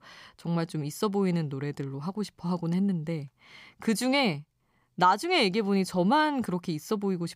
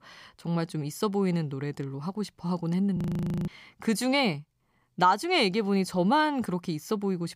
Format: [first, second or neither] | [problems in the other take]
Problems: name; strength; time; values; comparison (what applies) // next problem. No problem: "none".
first | audio freezing; at 3 s for 0.5 s